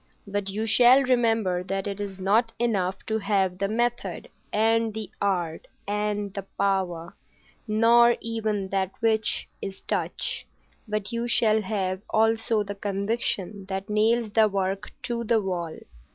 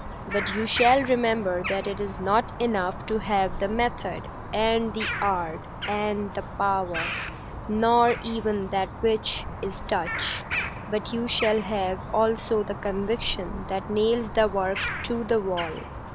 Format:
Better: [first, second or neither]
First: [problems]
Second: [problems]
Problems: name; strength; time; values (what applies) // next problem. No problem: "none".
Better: first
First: none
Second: background sound (Bird vocalization, bird call, bird song); 8 dB below the speech